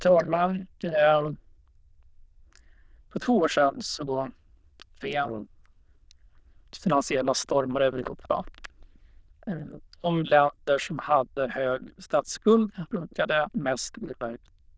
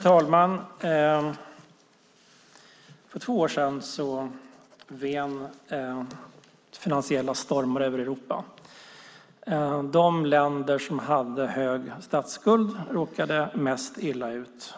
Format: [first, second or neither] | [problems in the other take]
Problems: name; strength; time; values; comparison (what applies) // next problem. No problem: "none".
second | noise reduction (neural diffusion model UNIVERSE++)